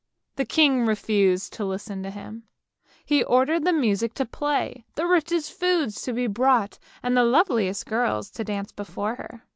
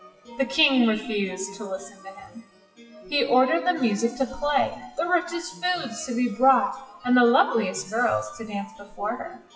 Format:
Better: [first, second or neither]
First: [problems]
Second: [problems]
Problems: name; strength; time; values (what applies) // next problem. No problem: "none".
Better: first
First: none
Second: noise reduction (classical method WPE with log-MMSE)